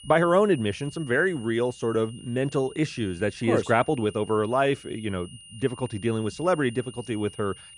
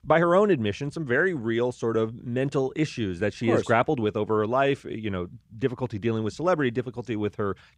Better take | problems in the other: second | high-pitched whine; noticeable; throughout; 3 kHz, 20 dB below the speech

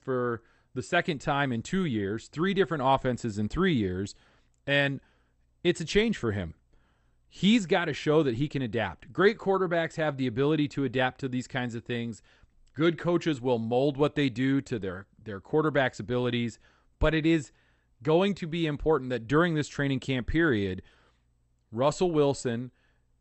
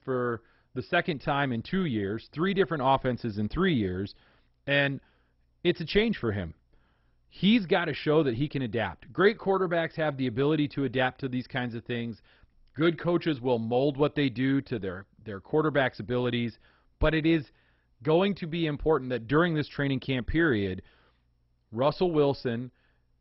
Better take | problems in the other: first | garbled, watery; badly; nothing above 5.5 kHz; slightly in the first

